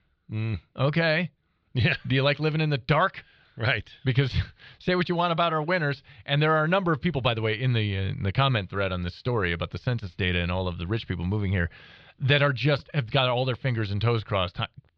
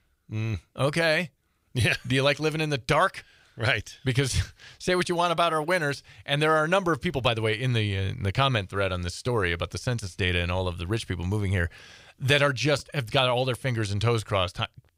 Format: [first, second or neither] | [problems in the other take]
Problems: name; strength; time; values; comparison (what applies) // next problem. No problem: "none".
second | muffled; very slightly; fading above 4 kHz